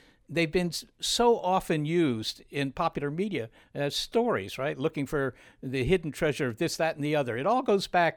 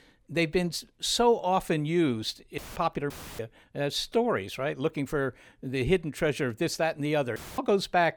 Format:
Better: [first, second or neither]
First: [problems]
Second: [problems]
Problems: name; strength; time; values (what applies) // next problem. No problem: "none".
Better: first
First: none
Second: audio cutting out; filled with static; at 2.5 s, at 3 s and at 7.5 s